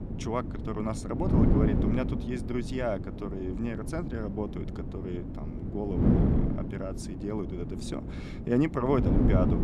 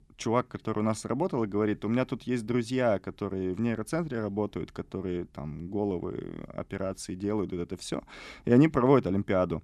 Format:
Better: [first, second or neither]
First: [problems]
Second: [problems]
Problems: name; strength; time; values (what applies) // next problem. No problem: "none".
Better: second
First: wind noise on the microphone; heavy; 3 dB below the speech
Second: none